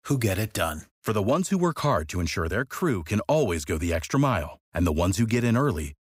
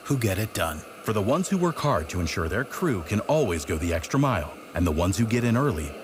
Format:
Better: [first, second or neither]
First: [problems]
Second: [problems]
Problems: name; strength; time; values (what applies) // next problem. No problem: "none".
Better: first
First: none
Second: hiss; noticeable; throughout; 15 dB below the speech